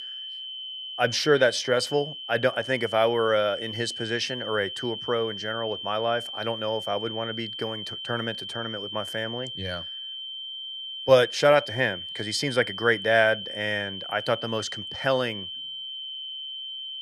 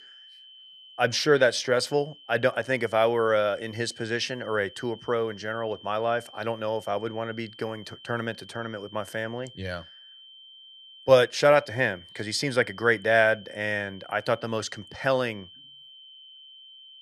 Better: second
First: high-pitched whine; loud; throughout; 3 kHz, 7 dB below the speech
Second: high-pitched whine; faint; throughout; 3 kHz, 20 dB below the speech

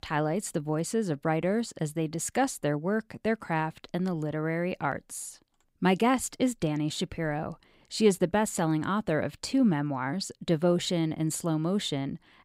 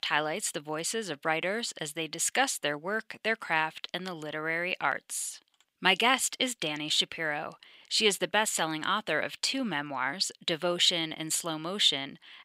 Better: first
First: none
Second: thin; somewhat; fading below 1 kHz

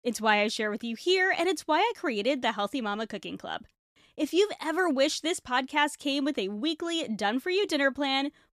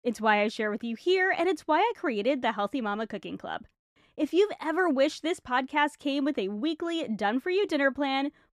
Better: first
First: none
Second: muffled; slightly; fading above 3 kHz

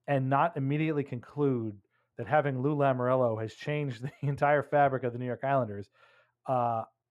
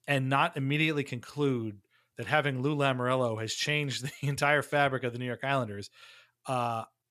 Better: second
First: muffled; very; fading above 2.5 kHz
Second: none

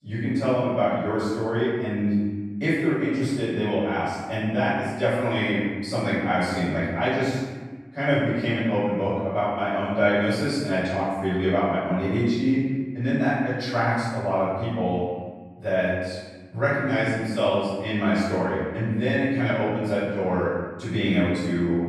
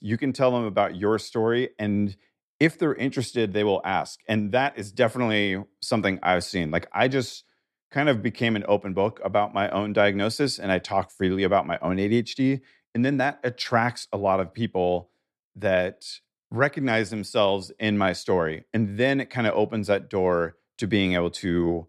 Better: second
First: off-mic speech; far // room echo; strong; dies away in 1.3 s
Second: none

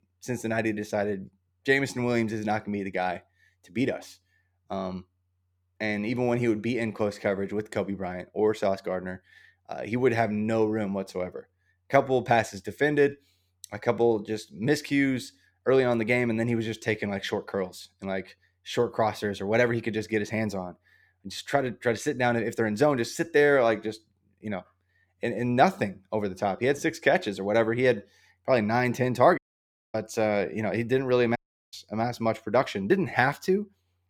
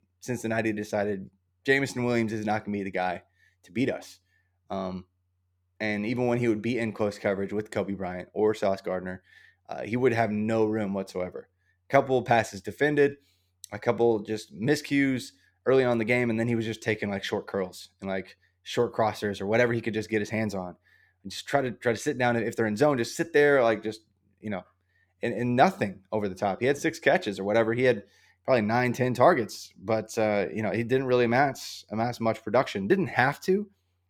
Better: second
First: audio cutting out; at 29 s for 0.5 s and at 31 s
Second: none

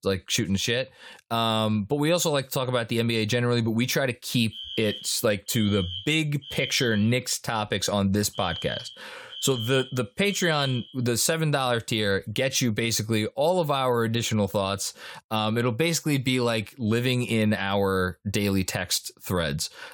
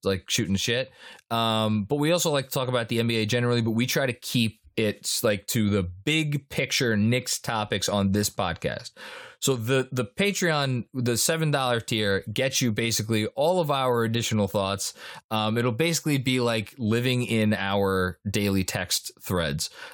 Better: second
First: alarm; noticeable; from 4.5 to 11 s; peak 7 dB below the speech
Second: none

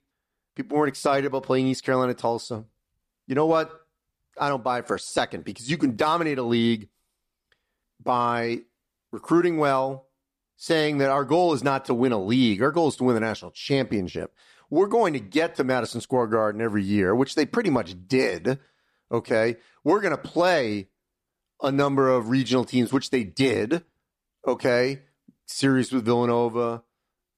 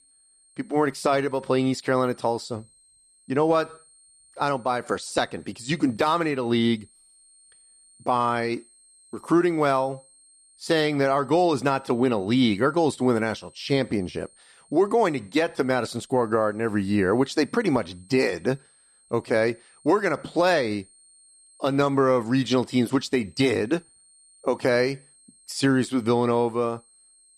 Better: first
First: none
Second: high-pitched whine; faint; throughout; 8.5 kHz, 30 dB below the speech

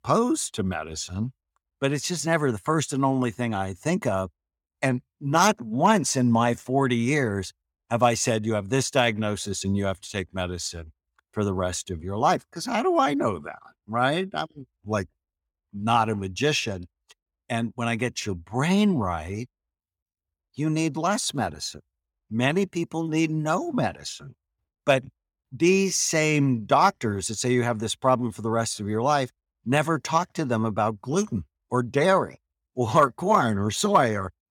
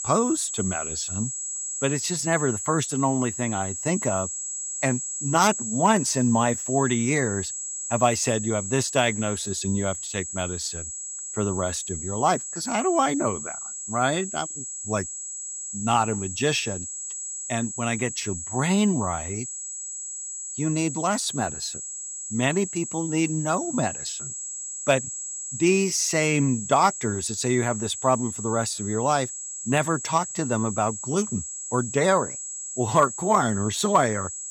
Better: first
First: none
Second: high-pitched whine; loud; throughout; 7.5 kHz, 6 dB below the speech

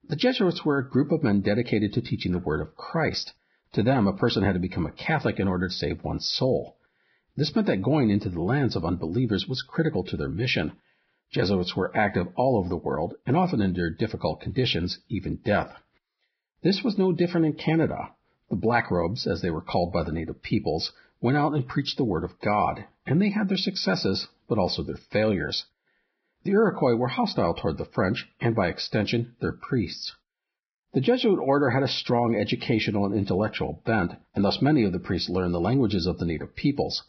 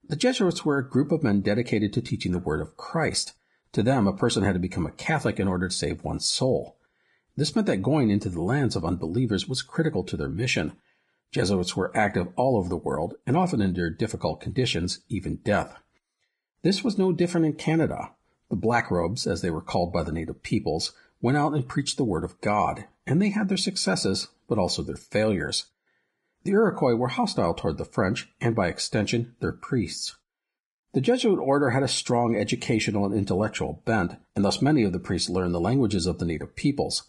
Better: second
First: garbled, watery; badly; nothing above 5.5 kHz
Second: garbled, watery; slightly

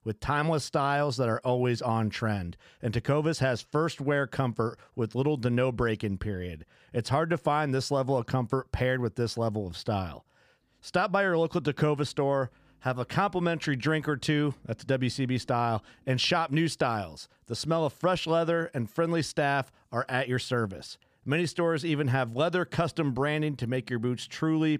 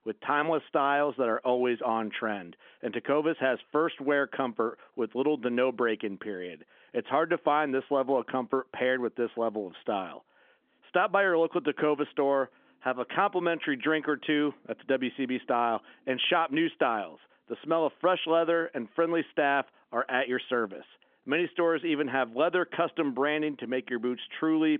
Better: first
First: none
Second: phone-call audio; nothing above 3.5 kHz

